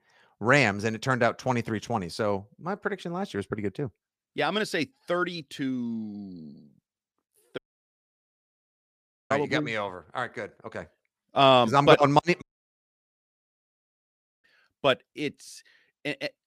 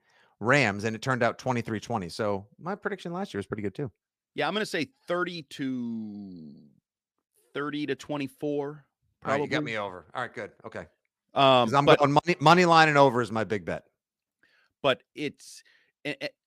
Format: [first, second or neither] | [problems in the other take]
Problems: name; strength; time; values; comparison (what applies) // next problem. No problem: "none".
second | audio cutting out; at 7.5 s for 1.5 s and at 12 s for 2 s